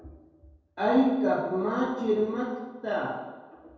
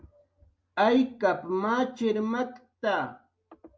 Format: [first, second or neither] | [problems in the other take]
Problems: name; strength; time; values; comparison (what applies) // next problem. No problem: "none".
second | room echo; dies away in 1.2 s